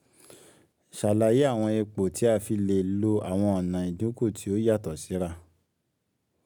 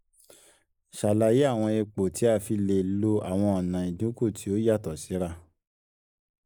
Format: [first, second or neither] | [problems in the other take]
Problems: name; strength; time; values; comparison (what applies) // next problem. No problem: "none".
first | noise reduction (neural mask model Resemble Enhance denoiser)